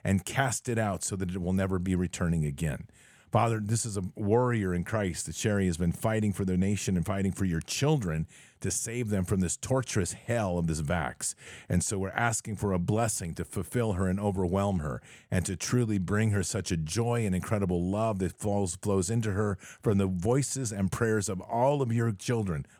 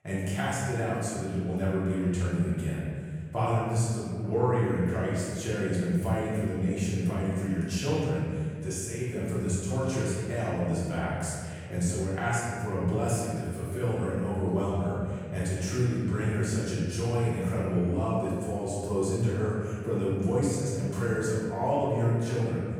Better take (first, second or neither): first